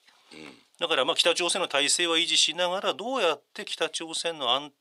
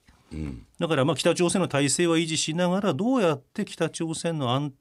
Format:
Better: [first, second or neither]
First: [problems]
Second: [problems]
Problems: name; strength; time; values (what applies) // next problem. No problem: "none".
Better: second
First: thin; very; fading below 600 Hz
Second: none